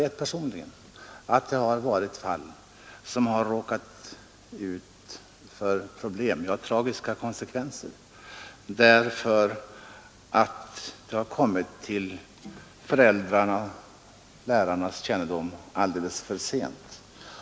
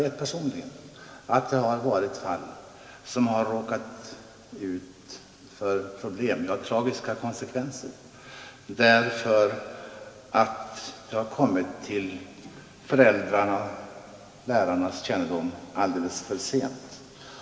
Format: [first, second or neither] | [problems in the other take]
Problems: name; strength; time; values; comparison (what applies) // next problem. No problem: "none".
first | room echo; dies away in 2.3 s